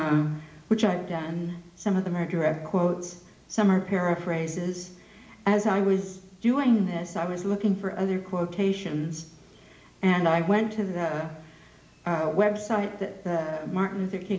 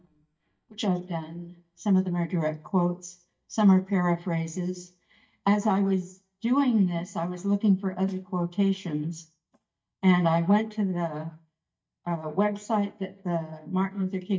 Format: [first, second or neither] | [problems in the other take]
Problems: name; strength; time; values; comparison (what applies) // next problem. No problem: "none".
first | noise reduction (neural mask model DeepFilterNet 3)